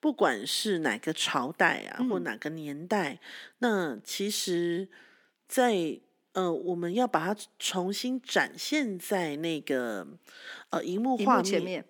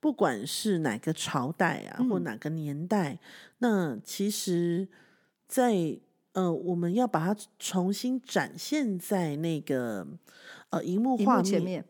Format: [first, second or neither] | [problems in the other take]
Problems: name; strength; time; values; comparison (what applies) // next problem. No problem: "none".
second | thin; very slightly; fading below 300 Hz